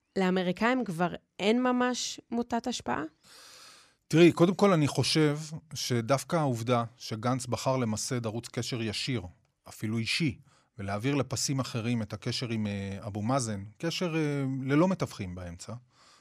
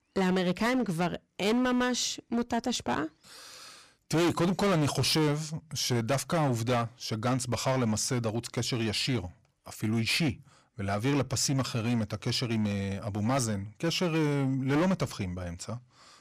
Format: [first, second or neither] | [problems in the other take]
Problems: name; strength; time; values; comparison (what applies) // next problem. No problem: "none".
first | distortion; heavy; 12% of the sound clipped